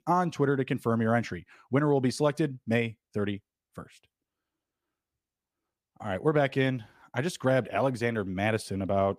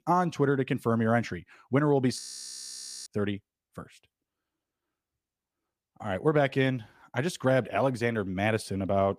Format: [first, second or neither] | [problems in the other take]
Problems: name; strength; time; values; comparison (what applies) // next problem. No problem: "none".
first | audio freezing; at 2 s for 1 s